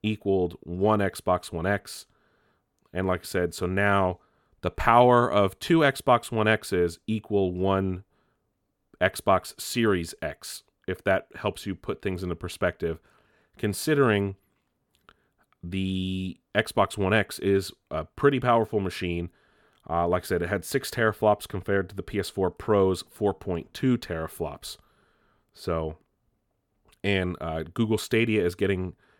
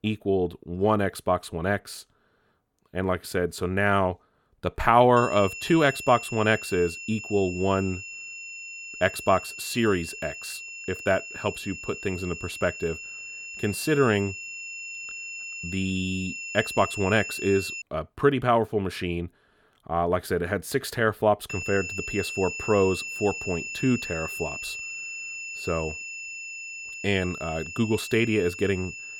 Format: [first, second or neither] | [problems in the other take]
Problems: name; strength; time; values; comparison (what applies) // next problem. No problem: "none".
first | high-pitched whine; loud; from 5 to 18 s and from 22 s on; 2.5 kHz, 8 dB below the speech